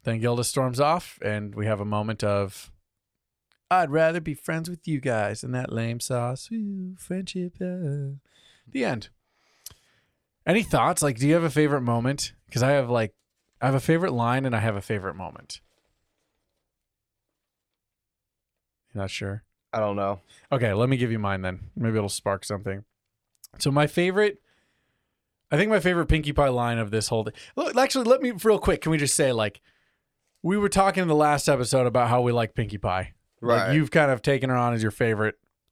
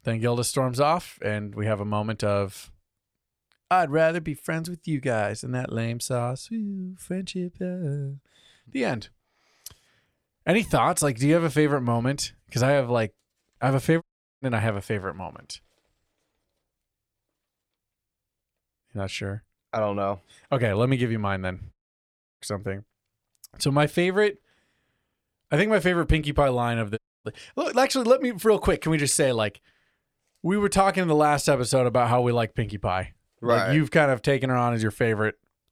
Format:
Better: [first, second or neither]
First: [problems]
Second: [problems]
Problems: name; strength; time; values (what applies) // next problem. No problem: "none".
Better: first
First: none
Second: audio cutting out; at 14 s, at 22 s for 0.5 s and at 27 s